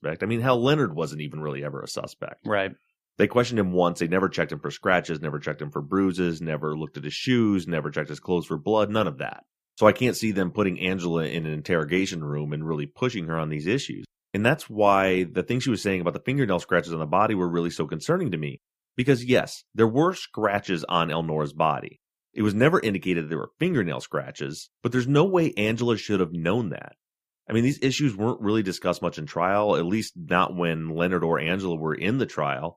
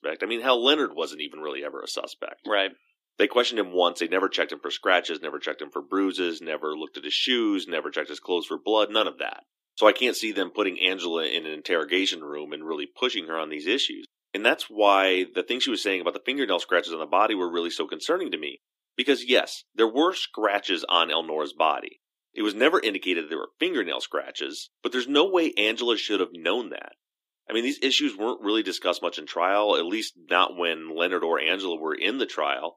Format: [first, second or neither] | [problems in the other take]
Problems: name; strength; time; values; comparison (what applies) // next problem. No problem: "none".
first | thin; somewhat; fading below 300 Hz